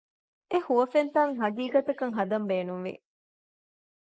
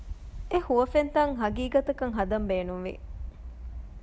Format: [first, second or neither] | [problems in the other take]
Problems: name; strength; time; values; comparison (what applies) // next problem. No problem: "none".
second | noise reduction (neural mask model Resemble Enhance denoiser)